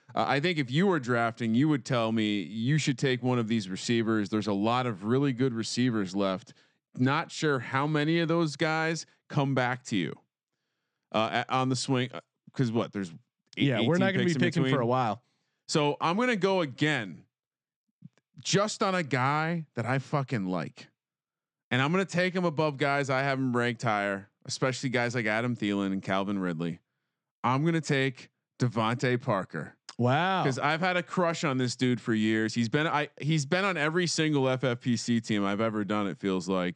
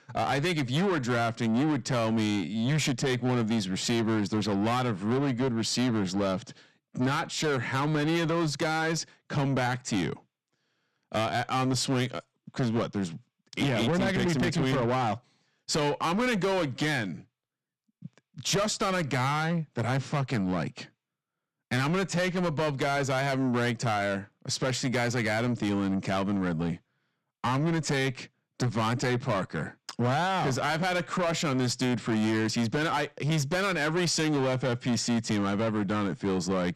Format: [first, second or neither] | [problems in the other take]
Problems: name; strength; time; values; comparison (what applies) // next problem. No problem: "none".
first | distortion; heavy; 8 dB below the speech